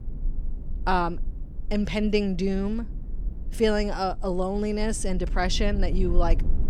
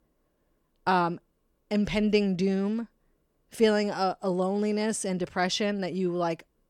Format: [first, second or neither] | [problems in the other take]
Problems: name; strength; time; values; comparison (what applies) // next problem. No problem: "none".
second | low rumble; faint; throughout; 20 dB below the speech